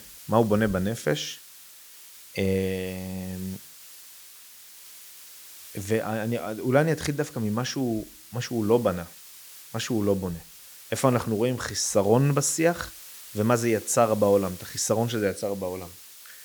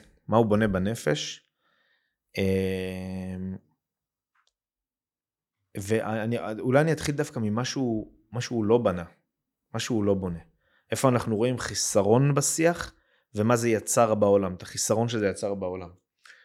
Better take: second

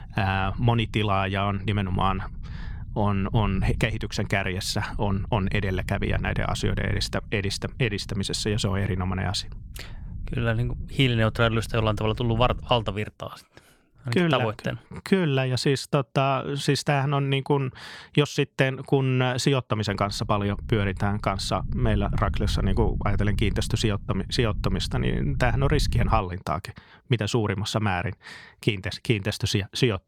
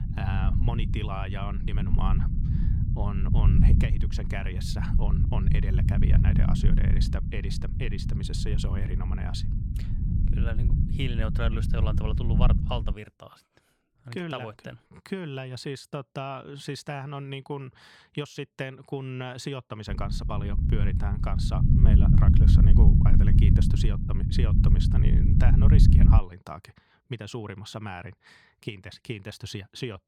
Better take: first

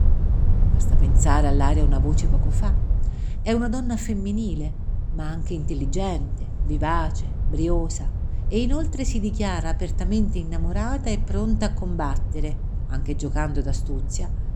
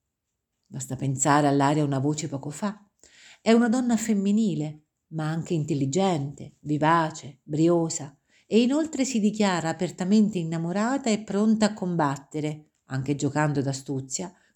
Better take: second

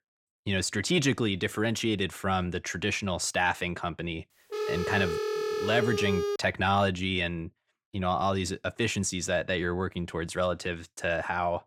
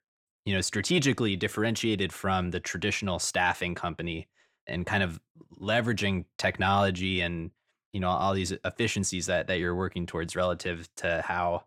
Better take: second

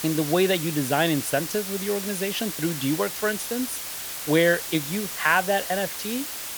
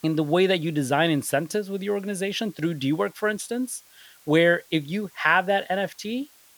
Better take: second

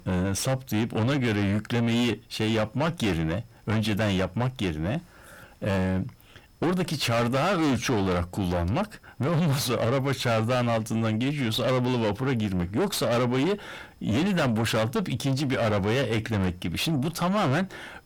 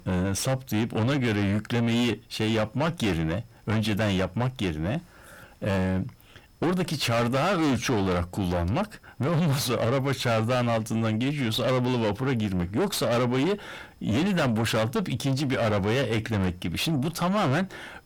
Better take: neither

